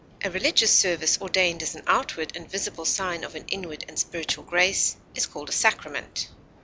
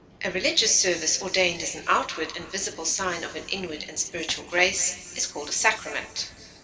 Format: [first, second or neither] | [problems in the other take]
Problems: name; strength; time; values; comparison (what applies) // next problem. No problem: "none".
first | room echo; dies away in 2.8 s